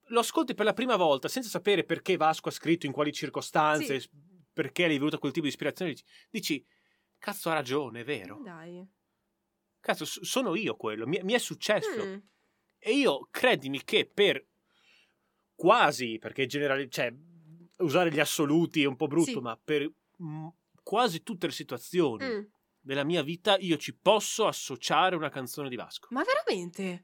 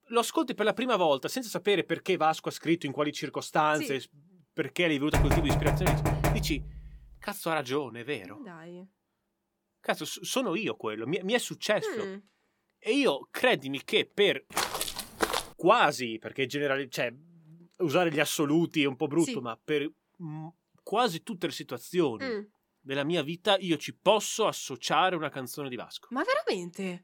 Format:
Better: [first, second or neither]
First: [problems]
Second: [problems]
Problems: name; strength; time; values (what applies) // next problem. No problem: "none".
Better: first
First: none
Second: door banging; loud; from 5 to 6.5 s; peak 3 dB above the speech // footsteps; noticeable; at 15 s; peak 1 dB below the speech